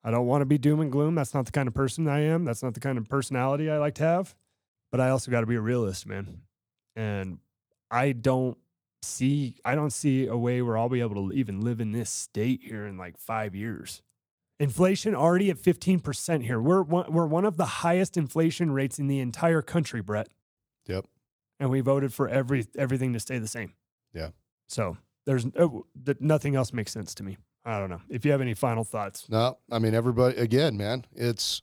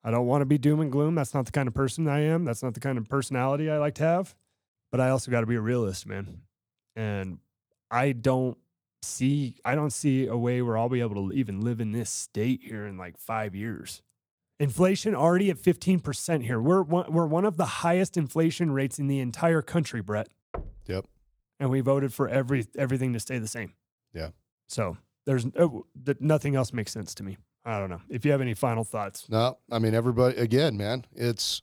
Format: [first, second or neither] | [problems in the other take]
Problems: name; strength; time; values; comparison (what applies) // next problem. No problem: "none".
first | door banging; faint; at 21 s; peak 15 dB below the speech